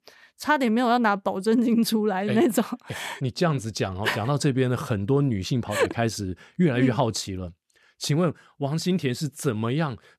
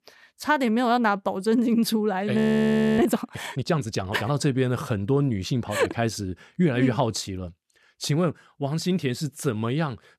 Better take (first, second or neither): first